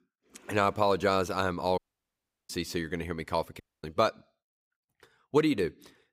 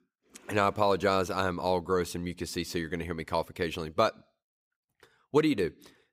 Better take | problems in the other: second | audio cutting out; at 2 s for 0.5 s and at 3.5 s

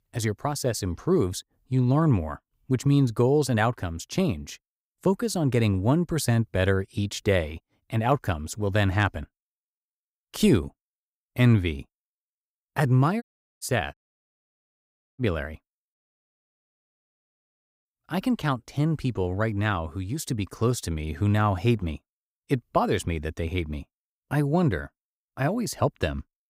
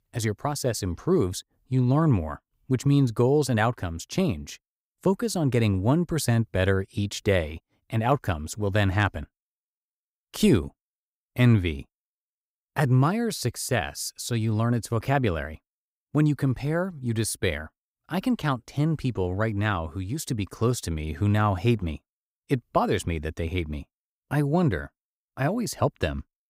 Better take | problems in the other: second | audio cutting out; at 13 s, at 14 s for 1 s and at 16 s for 2 s

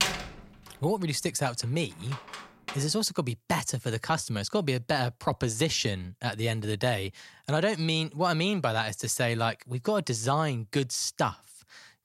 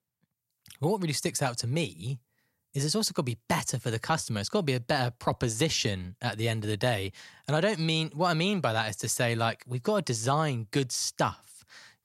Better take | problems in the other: second | door banging; loud; until 2.5 s; peak 1 dB above the speech

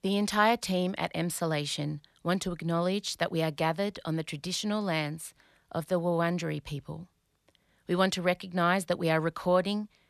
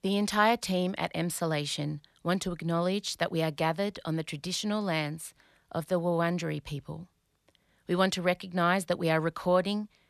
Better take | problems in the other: neither | none

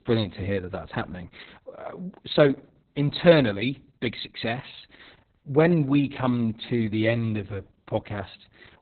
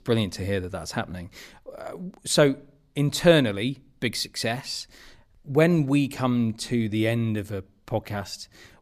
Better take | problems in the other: second | garbled, watery; badly; nothing above 4 kHz

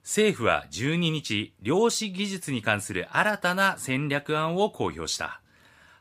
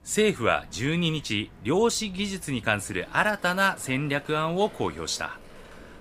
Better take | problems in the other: first | rain or running water; faint; throughout; 20 dB below the speech

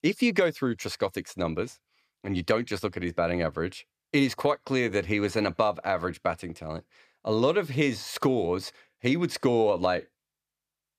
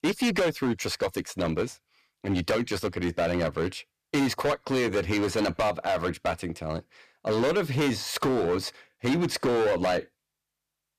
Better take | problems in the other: first | distortion; heavy; 13% of the sound clipped

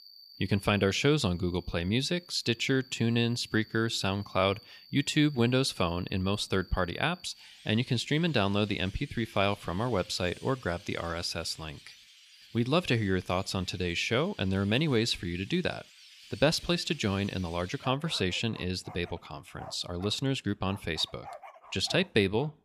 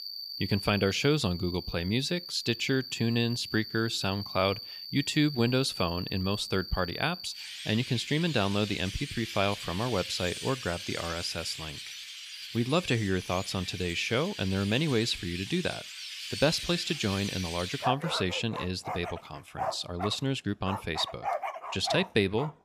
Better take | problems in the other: first | animal sounds; loud; throughout; 8 dB below the speech; faint in the first

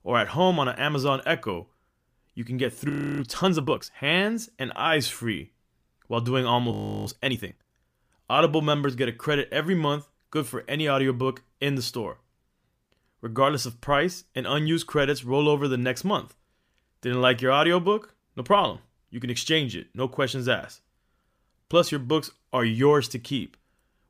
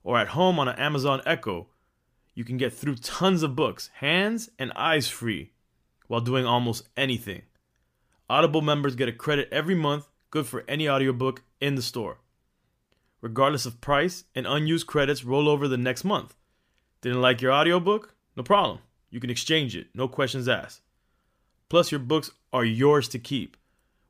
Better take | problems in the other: second | audio freezing; at 3 s and at 6.5 s

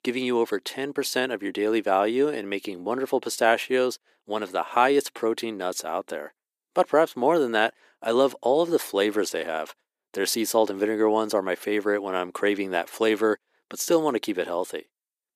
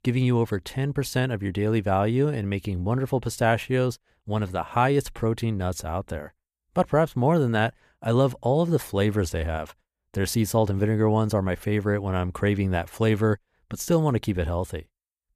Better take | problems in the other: second | thin; somewhat; fading below 300 Hz

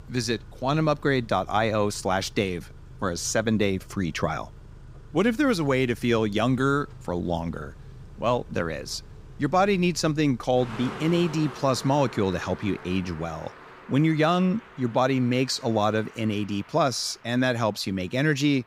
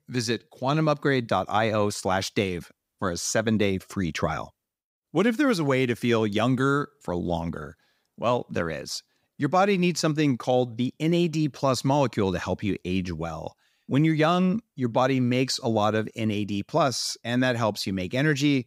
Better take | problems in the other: second | traffic noise; noticeable; throughout; 20 dB below the speech

